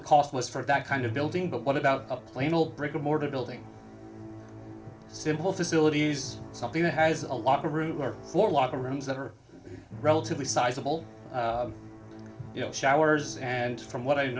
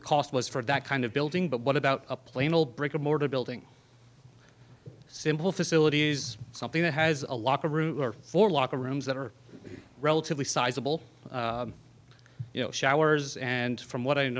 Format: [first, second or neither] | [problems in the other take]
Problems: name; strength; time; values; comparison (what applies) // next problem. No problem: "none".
second | background sound (Musical instrument); 15 dB below the speech // room echo; dies away in 0.2 s